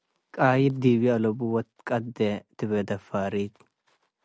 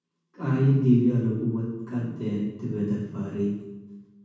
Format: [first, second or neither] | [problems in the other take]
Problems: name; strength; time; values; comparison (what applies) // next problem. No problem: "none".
first | room echo; dies away in 1.1 s